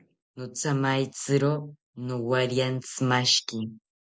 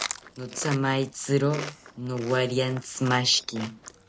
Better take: first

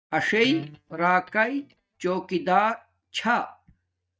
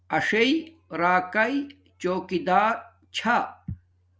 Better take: second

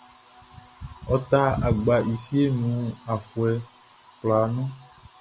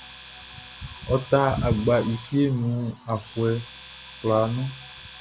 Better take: first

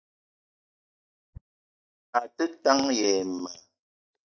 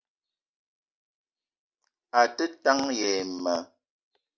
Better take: second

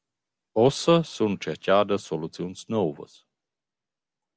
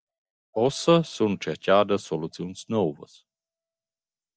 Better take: first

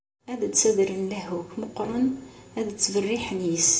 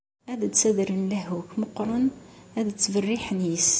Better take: second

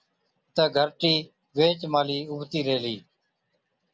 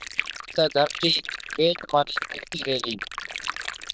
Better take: first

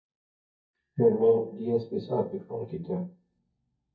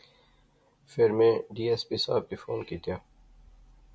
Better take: second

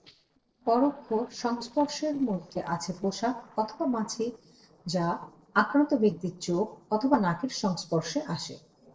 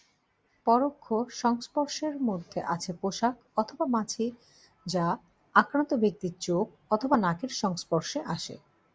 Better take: second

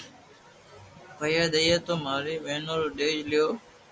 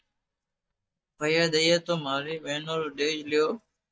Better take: first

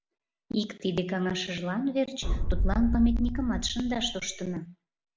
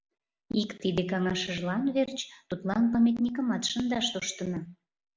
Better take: second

